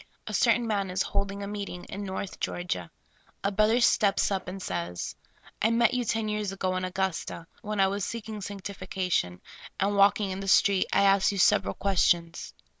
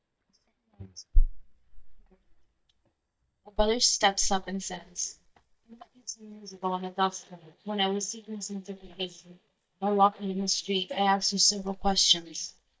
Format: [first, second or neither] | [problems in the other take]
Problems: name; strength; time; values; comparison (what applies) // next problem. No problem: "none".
first | noise reduction (neural mask model DeepFilterNet 3)